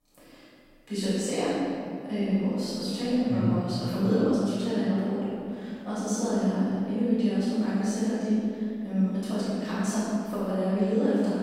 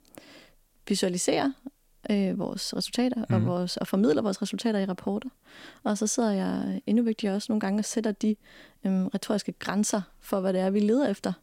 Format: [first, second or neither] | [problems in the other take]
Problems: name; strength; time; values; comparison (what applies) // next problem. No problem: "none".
second | off-mic speech; far // room echo; strong; dies away in 2.4 s